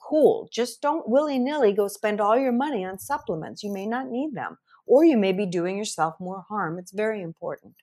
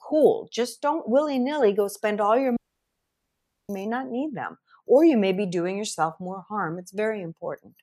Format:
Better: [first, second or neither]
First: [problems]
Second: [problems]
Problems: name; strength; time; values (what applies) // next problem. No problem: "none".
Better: first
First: none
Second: audio cutting out; at 2.5 s for 1 s